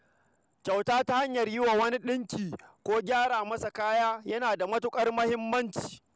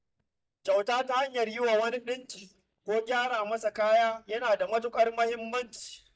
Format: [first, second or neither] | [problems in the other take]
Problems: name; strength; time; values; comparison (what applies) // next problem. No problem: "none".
first | noise reduction (neural mask model DeepFilterNet 3)